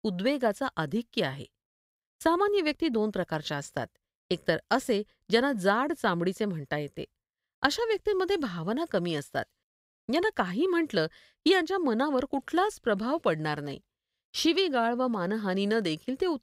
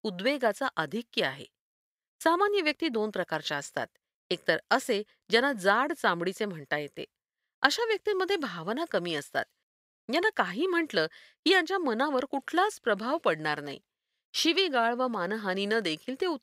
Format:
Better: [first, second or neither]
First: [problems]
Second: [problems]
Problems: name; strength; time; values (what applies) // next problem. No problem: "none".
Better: first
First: none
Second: thin; very slightly; fading below 400 Hz